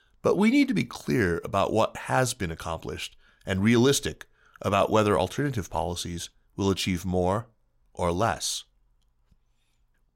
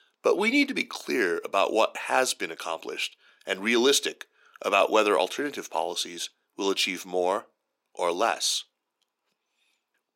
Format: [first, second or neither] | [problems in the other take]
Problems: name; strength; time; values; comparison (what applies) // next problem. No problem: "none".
first | thin; somewhat; fading below 300 Hz